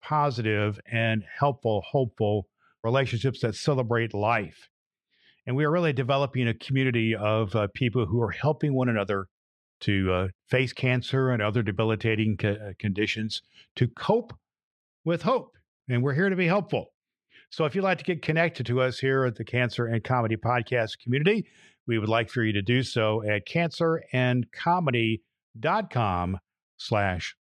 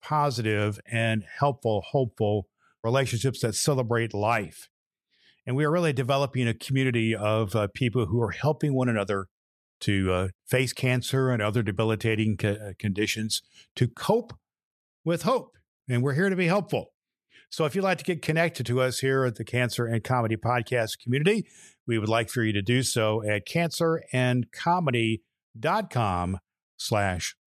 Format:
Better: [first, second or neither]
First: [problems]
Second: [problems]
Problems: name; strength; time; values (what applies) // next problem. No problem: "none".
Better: second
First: muffled; very slightly; fading above 3 kHz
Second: none